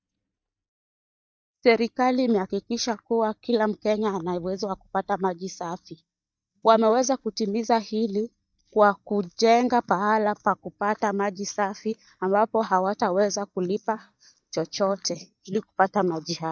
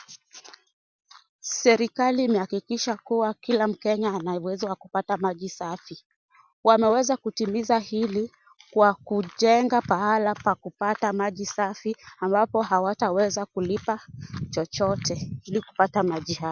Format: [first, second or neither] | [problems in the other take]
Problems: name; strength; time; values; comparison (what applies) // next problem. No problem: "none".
second | noise reduction (neural mask model DeepFilterNet 3)